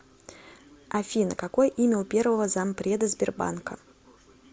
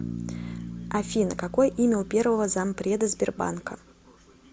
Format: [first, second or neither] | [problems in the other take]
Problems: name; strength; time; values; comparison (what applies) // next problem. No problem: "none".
first | background sound (Bass guitar); 12 dB below the speech